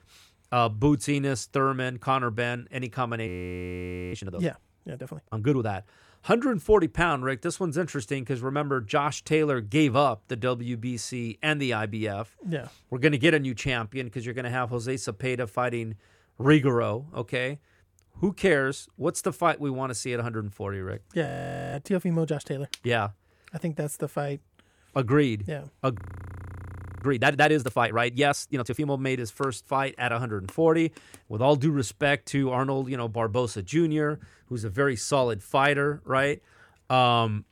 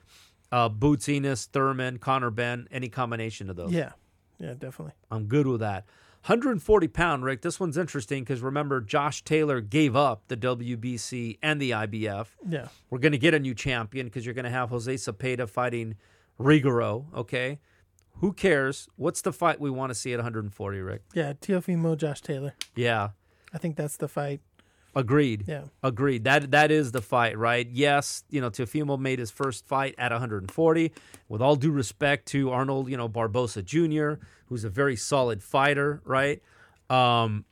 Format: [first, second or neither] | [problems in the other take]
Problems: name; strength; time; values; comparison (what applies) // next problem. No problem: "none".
second | audio freezing; at 3.5 s for 1 s, at 21 s and at 26 s for 1 s